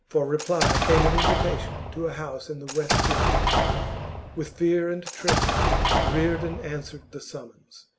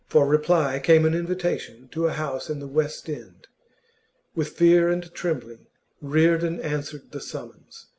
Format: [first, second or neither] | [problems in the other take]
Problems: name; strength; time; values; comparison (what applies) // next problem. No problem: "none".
second | background sound (Explosion); 4 dB above the speech